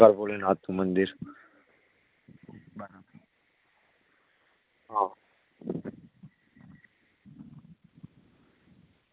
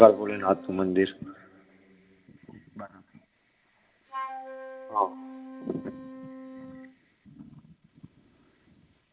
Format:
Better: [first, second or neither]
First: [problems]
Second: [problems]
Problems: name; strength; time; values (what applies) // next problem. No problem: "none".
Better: first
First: none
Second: background sound (Wind instrument, woodwind instrument); 16 dB below the speech // room echo; dies away in 0.5 s